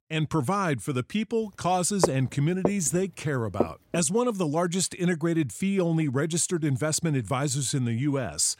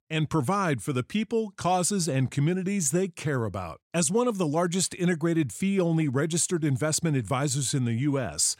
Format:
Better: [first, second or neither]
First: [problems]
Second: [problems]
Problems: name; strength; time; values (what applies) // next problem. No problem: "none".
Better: second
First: footsteps; noticeable; from 2 to 4 s; peak 2 dB below the speech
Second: none